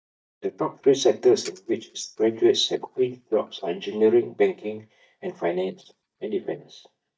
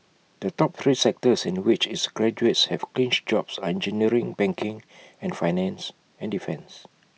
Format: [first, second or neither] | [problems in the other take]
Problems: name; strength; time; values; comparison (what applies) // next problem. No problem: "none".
second | noise reduction (neural mask model DeepFilterNet 3)